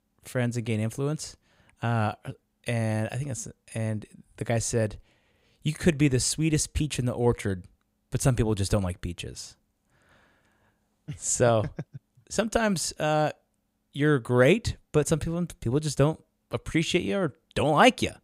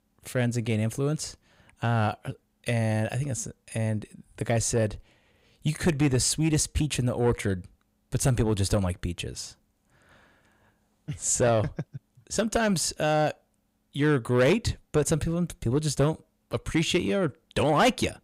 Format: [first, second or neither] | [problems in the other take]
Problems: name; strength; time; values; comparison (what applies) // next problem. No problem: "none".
first | distortion; slight; 10 dB below the speech